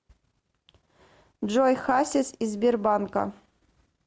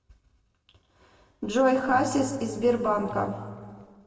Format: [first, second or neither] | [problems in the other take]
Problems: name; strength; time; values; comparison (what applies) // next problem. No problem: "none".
first | background sound (Electric guitar); 13 dB below the speech // room echo; dies away in 1.6 s